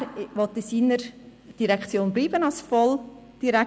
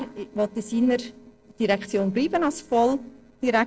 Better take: first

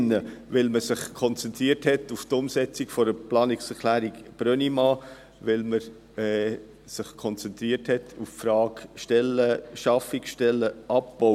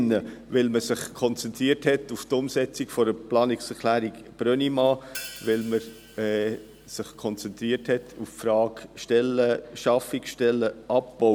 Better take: first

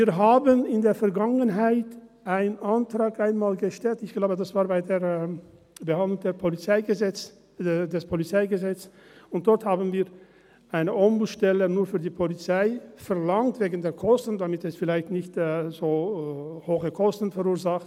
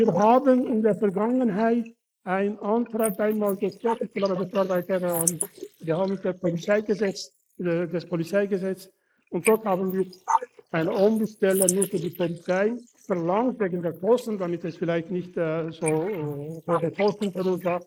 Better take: first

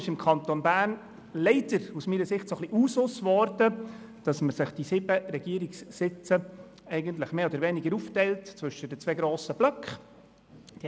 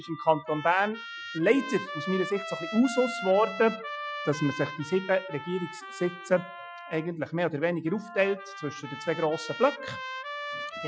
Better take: first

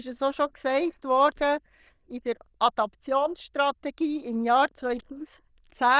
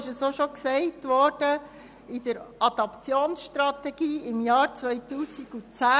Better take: second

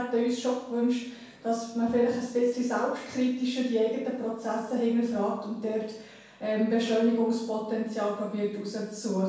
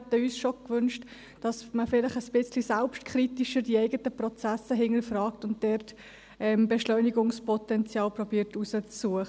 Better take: second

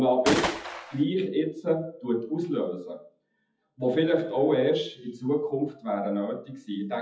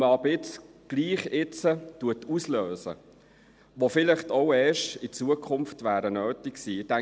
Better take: second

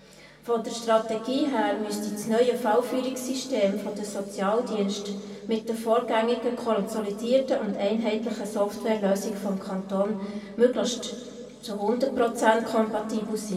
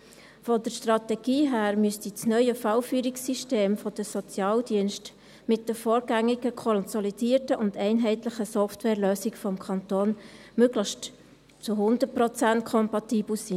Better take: second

